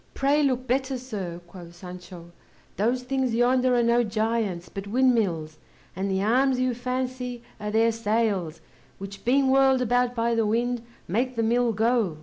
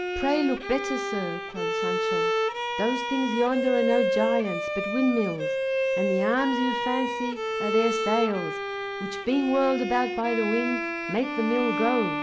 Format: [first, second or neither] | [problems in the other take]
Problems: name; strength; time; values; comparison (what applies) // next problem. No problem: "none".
first | background sound (Bowed string instrument); 1 dB below the speech